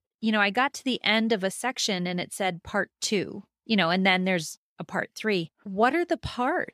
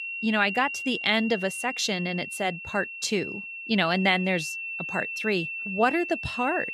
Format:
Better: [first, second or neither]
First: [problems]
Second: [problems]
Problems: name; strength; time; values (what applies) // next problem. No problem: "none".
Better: first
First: none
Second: high-pitched whine; loud; throughout; 2.5 kHz, 6 dB below the speech